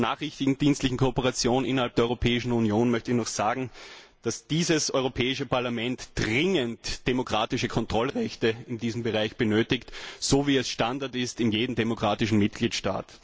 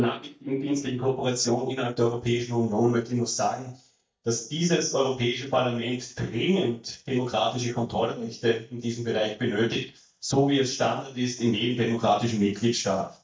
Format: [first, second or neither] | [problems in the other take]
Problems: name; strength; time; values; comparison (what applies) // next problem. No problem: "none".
first | noise reduction (neural mask model DeepFilterNet 3)